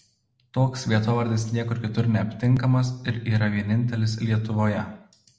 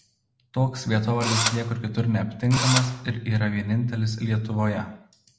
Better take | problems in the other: first | background sound (Engine / Drill); 3 dB below the speech

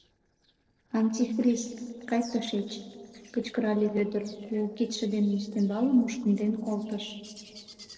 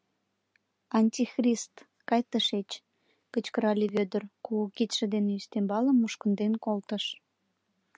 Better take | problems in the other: second | noise reduction (neural separator model SepFormer DNS4)

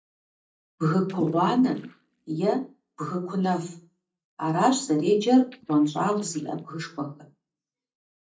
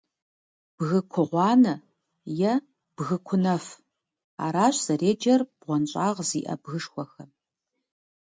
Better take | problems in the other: second | noise reduction (neural mask model DeepFilterNet 3)

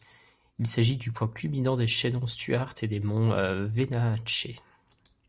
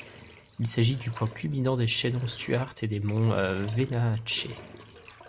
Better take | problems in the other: first | background sound (Bathtub (filling or washing)); 20 dB below the speech

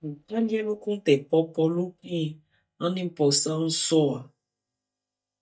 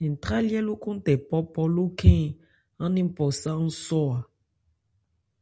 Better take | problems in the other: second | noise reduction (neural mask model DeepFilterNet 3)

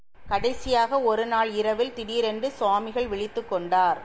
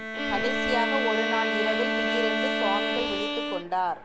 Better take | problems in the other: first | background sound (Bowed string instrument + Bowed string instrument); 3 dB above the speech

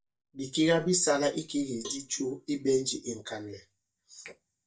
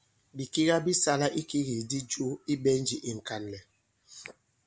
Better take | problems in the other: second | noise reduction (neural mask model DeepFilterNet 3)

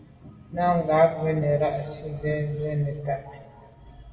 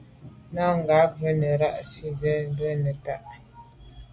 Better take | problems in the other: second | room echo; dies away in 1.6 s

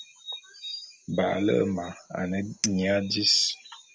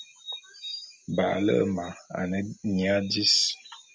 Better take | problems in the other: second | background sound (Chink, clink); 13 dB below the speech

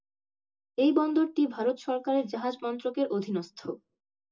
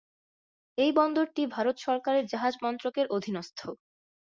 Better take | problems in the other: second | room echo; dies away in 0.2 s

